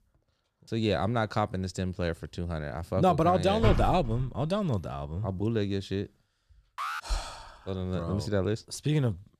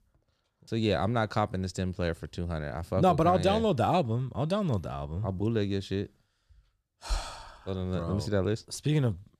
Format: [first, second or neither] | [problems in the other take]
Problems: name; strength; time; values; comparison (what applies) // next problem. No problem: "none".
second | door banging; loud; at 3.5 s; peak 1 dB above the speech // alarm; noticeable; at 7 s; peak 6 dB below the speech